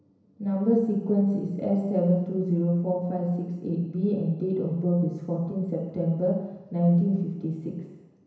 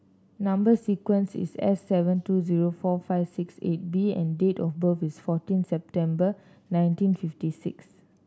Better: second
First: room echo; dies away in 1 s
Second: none

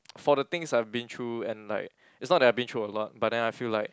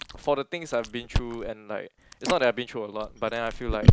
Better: first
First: none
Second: background sound (Chewing, mastication); 3 dB above the speech

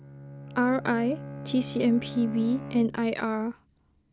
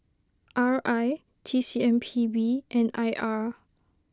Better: second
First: background sound (Bowed string instrument); 13 dB below the speech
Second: none

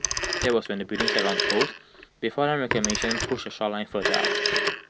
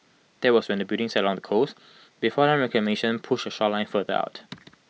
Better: second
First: background sound (Telephone); as loud as the speech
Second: none

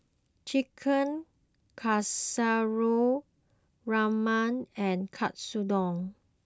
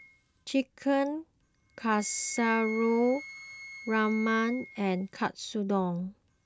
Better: first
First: none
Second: background sound (Wind instrument, woodwind instrument); 15 dB below the speech

